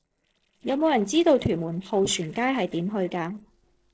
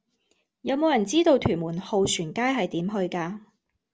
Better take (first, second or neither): second